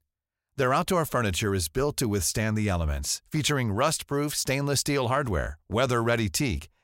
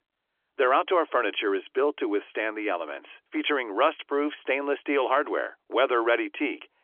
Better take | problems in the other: first | phone-call audio; nothing above 3.5 kHz

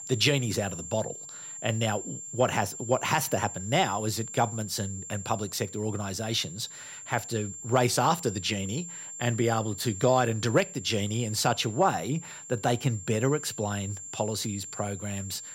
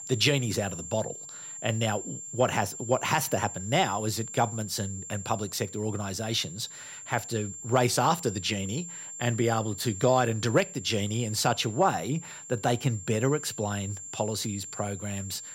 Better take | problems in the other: neither | high-pitched whine; noticeable; throughout; 7.5 kHz, 10 dB below the speech; the same in both

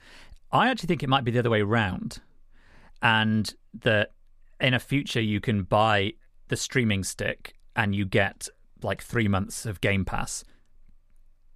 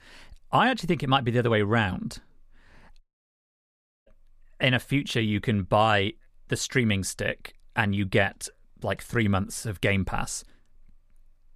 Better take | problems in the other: first | audio cutting out; at 3 s for 1 s

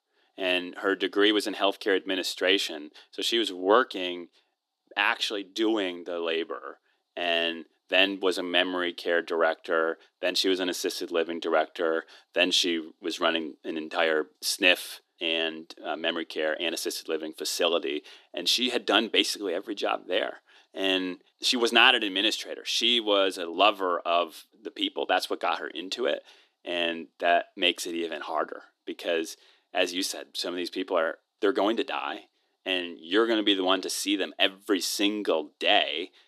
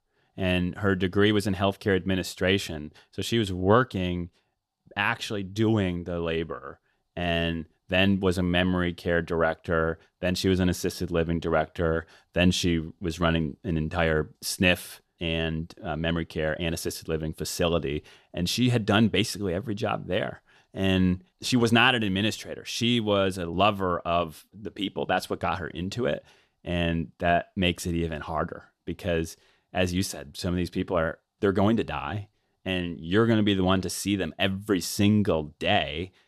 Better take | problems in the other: second | thin; somewhat; fading below 300 Hz

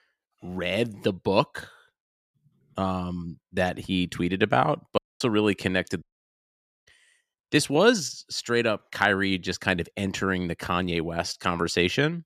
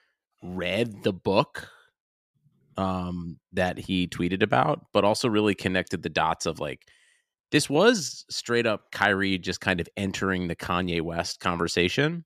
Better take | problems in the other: second | audio cutting out; at 5 s and at 6 s for 1 s

